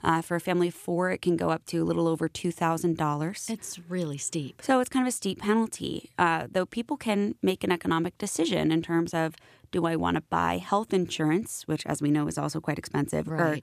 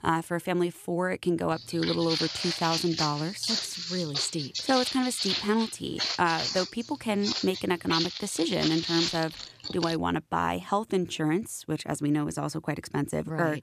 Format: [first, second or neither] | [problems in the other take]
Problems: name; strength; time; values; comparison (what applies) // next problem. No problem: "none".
first | footsteps; loud; from 1.5 to 10 s; peak 2 dB above the speech